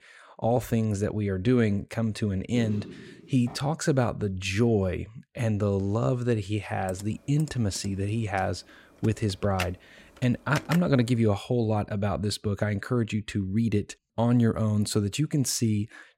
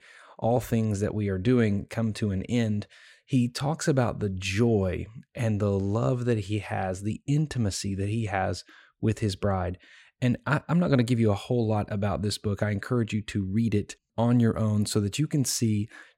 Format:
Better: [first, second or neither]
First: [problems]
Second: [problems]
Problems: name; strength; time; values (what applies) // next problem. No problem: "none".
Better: second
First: footsteps; faint; from 2.5 to 3.5 s; peak 10 dB below the speech // keyboard typing; noticeable; from 7 to 11 s; peak 8 dB below the speech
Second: none